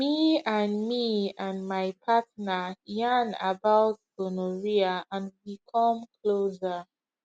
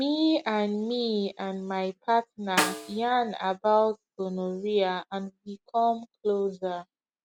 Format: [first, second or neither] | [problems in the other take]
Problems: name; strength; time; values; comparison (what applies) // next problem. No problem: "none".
first | background sound (Snare drum); 7 dB below the speech